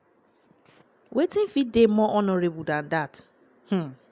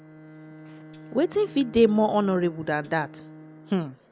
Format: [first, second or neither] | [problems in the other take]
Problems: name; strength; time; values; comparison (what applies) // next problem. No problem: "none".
first | background sound (Bowed string instrument + Tambourine); 19 dB below the speech